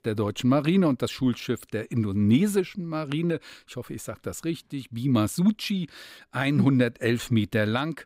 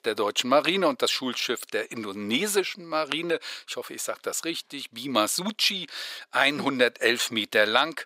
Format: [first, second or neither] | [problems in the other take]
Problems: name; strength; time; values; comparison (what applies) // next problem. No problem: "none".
first | thin; very; fading below 600 Hz